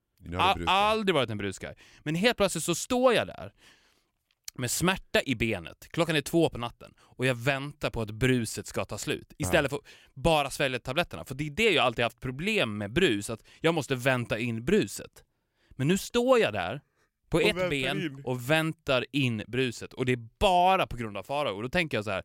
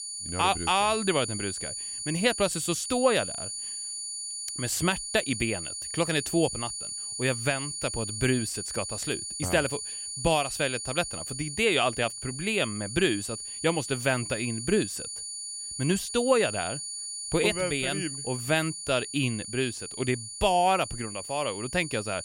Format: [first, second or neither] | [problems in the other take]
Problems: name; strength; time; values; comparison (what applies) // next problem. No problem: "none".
first | high-pitched whine; loud; throughout; 9.5 kHz, 6 dB below the speech